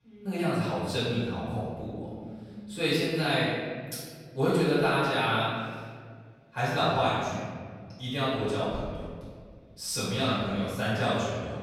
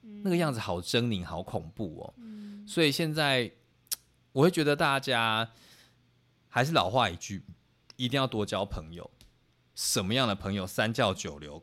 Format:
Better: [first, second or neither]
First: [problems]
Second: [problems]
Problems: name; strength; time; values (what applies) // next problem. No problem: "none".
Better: second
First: off-mic speech; far // room echo; strong; dies away in 1.7 s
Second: none